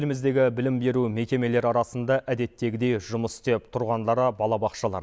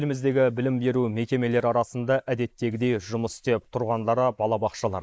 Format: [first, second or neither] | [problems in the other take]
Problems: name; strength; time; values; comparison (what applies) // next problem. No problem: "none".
first | noise reduction (neural mask model Resemble Enhance denoiser)